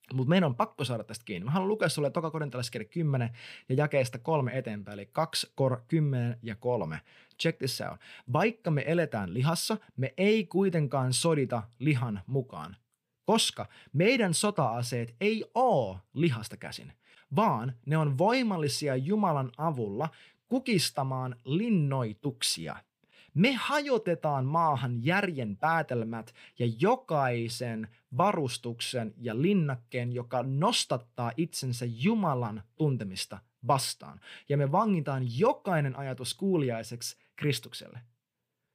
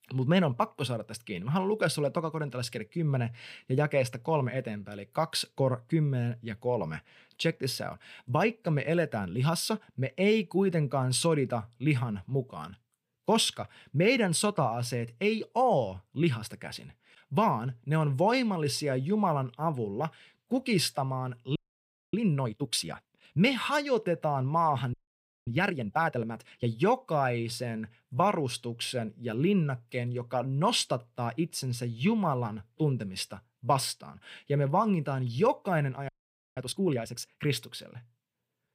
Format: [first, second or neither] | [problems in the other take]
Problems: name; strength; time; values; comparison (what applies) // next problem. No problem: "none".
first | audio freezing; at 22 s for 0.5 s, at 25 s for 0.5 s and at 36 s